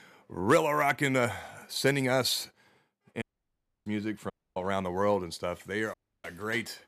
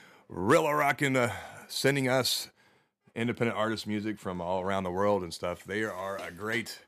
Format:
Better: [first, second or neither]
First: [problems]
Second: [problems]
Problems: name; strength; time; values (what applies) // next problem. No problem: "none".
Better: second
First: audio cutting out; at 3 s for 0.5 s, at 4.5 s and at 6 s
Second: none